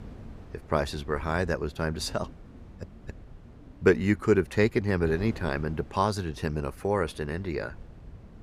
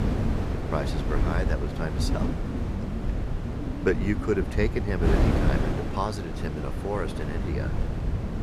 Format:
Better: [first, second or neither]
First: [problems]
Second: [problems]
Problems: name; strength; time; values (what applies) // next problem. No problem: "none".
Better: first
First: wind noise on the microphone; occasional gusts; 25 dB below the speech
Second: wind noise on the microphone; heavy; 3 dB below the speech